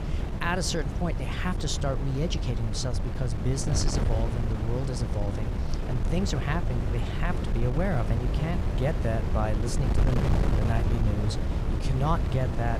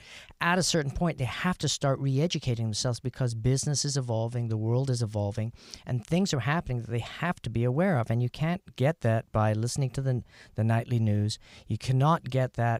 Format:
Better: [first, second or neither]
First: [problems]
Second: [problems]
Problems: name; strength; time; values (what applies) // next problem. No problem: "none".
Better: second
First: wind noise on the microphone; heavy; 4 dB below the speech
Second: none